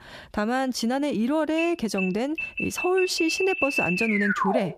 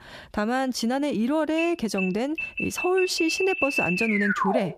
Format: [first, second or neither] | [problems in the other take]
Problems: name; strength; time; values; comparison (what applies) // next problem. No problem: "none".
neither | alarm; loud; from 1.5 s on; peak 2 dB above the speech; the same in both